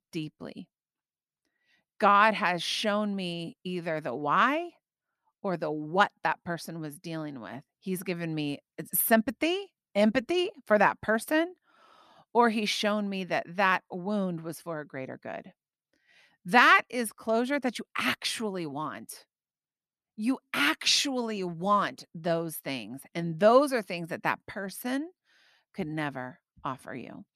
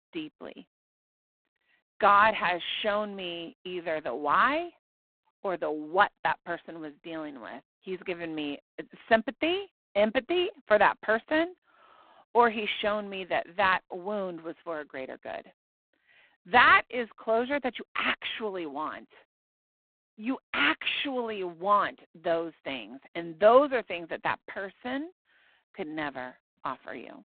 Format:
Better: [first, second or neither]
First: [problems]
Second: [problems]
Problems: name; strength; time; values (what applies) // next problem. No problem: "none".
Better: first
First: none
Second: phone-call audio; poor line